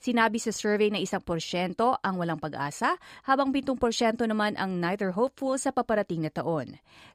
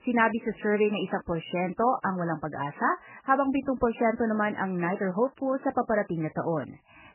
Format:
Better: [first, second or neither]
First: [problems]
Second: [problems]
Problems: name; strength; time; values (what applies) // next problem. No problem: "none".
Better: first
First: none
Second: garbled, watery; badly; nothing above 3 kHz